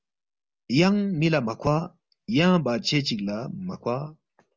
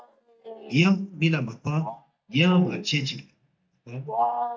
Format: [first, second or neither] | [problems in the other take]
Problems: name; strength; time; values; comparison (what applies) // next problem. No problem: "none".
first | noise reduction (neural mask model DeepFilterNet 3)